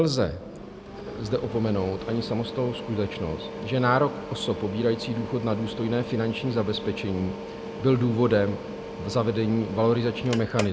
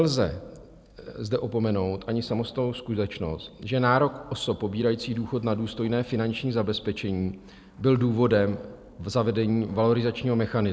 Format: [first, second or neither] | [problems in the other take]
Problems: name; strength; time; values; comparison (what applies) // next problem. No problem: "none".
second | background sound (Mechanical fan); 10 dB below the speech